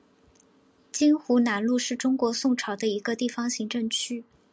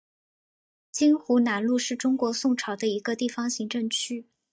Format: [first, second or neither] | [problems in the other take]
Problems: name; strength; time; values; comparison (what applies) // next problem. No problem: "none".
first | noise reduction (neural mask model DeepFilterNet 3)